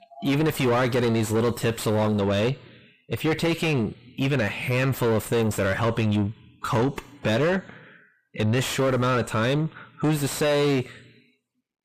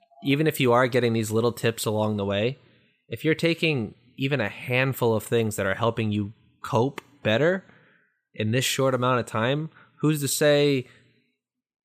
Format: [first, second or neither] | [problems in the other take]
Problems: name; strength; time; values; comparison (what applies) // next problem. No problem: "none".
second | distortion; heavy; 6 dB below the speech